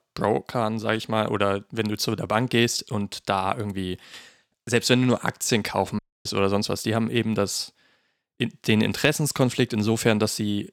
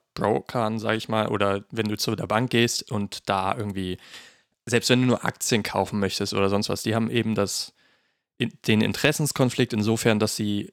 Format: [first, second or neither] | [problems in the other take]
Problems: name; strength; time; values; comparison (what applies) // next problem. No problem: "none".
second | audio cutting out; at 6 s